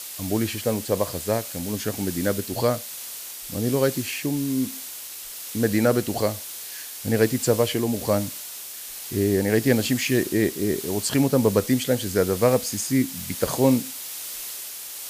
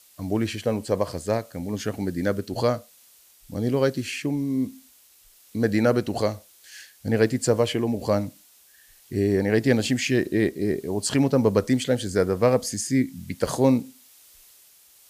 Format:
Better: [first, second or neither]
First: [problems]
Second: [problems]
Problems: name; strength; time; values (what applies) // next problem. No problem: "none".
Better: second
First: hiss; loud; throughout; 9 dB below the speech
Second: hiss; faint; throughout; 25 dB below the speech